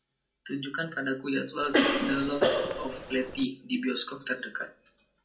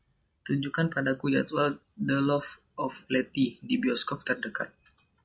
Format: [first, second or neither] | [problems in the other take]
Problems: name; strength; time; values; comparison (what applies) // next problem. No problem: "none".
second | background sound (Cough); 5 dB above the speech // room echo; dies away in 0.2 s